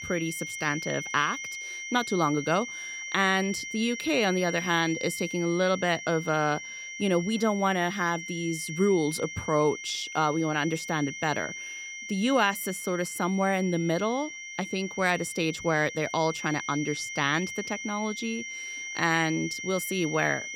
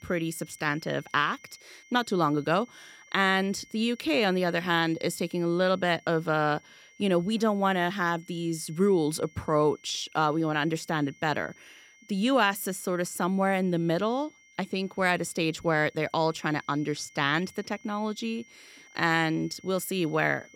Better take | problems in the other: second | high-pitched whine; loud; throughout; 2 kHz, 8 dB below the speech; faint in the second

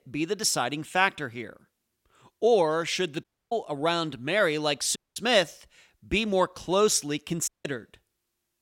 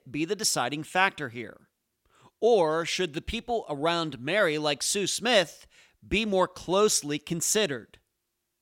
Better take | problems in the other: second | audio cutting out; at 3 s, at 5 s and at 7.5 s

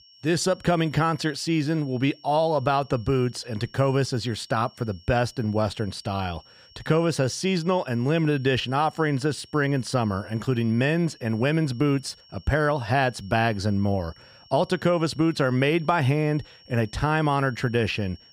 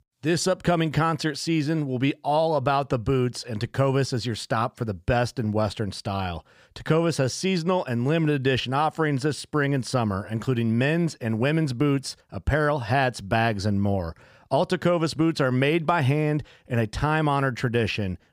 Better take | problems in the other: second | high-pitched whine; faint; throughout; 5.5 kHz, 25 dB below the speech

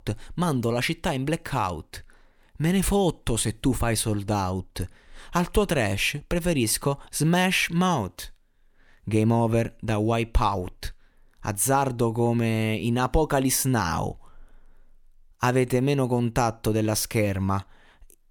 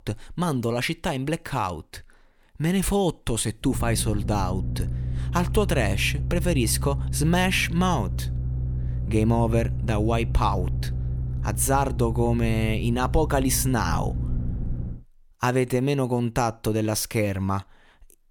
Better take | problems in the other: first | low rumble; noticeable; from 3.5 to 15 s; 15 dB below the speech

